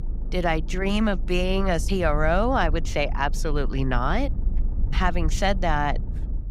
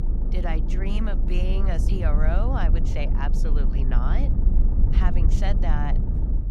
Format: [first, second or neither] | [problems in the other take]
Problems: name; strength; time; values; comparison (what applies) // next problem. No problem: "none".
first | low rumble; loud; throughout; 5 dB below the speech; faint in the first